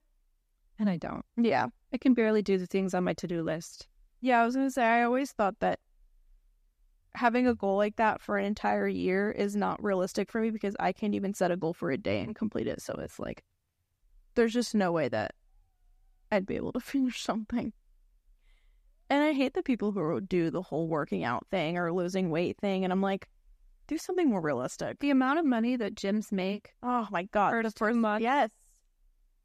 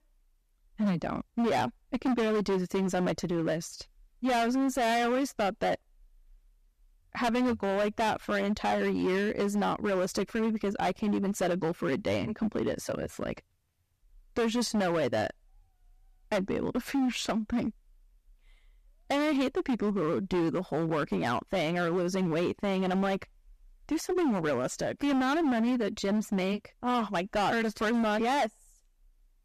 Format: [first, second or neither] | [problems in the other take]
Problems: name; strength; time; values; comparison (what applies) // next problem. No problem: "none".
first | distortion; heavy; 17% of the sound clipped